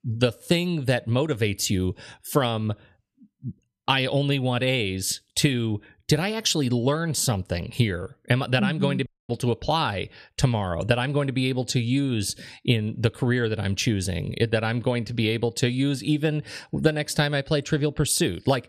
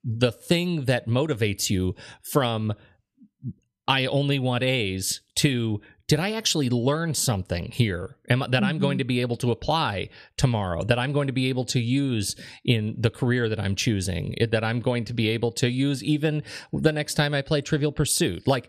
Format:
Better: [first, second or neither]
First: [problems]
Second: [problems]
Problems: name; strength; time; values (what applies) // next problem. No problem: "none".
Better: second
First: audio cutting out; at 9 s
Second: none